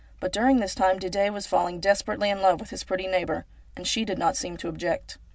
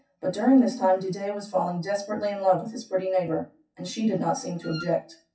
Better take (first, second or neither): first